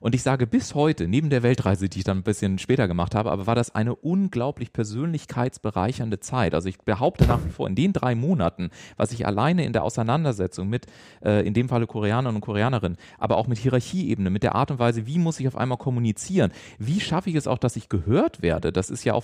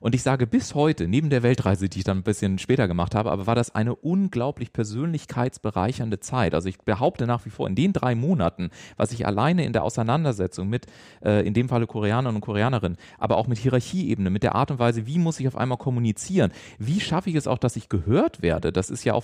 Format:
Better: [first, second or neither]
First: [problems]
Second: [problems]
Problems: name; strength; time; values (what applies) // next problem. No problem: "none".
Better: second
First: footsteps; loud; at 7 s; peak 1 dB above the speech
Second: none